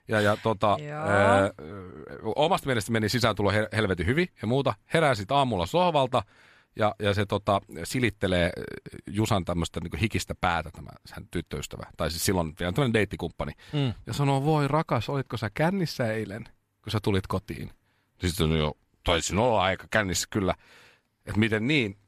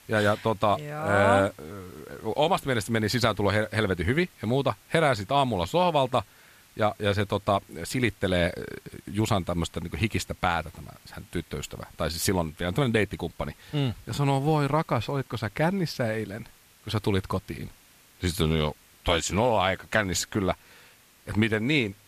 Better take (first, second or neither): first